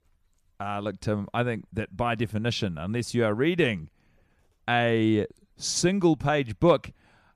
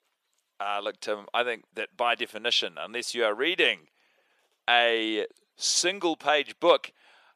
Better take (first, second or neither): first